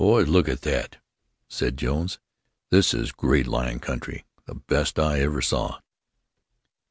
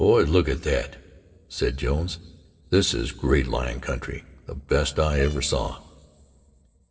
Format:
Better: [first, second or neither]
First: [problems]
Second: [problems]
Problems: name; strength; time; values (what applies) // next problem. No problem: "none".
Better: first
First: none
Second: noise reduction (neural separator model SepFormer DNS4)